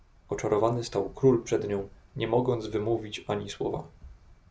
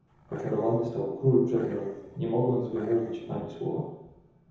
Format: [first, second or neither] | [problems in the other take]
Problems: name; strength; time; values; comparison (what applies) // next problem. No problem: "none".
first | background sound (Growling); 19 dB below the speech // room echo; dies away in 0.9 s